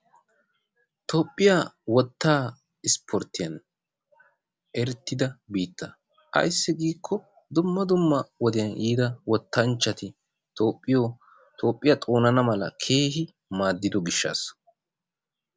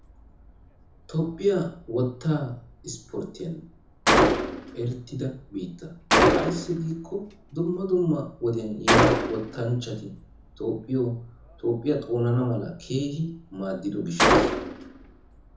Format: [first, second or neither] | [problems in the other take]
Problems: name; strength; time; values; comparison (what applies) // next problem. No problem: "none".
first | background sound (Gunshot, gunfire); 1 dB above the speech // room echo; dies away in 0.5 s